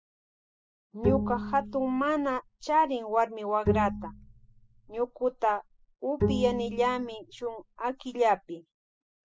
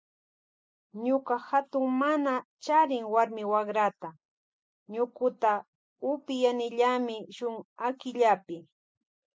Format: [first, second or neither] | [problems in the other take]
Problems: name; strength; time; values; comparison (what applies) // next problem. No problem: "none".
second | noise reduction (classical method spectral subtraction)